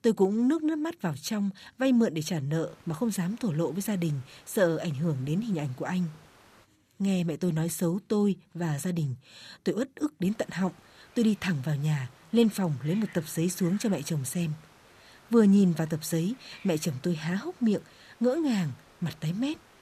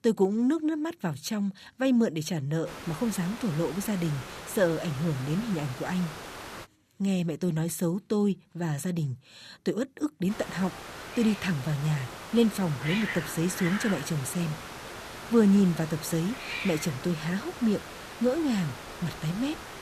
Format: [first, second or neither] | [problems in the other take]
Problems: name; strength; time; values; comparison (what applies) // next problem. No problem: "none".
first | hiss; loud; from 2.5 to 6.5 s and from 10 s on; 10 dB below the speech; faint in the first